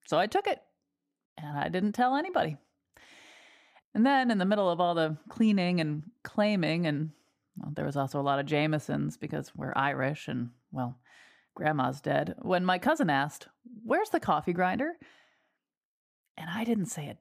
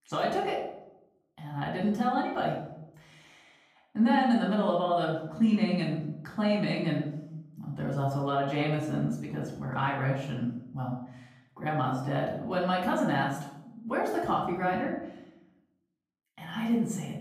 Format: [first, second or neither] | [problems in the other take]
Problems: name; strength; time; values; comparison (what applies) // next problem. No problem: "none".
first | off-mic speech; far // room echo; noticeable; dies away in 0.7 s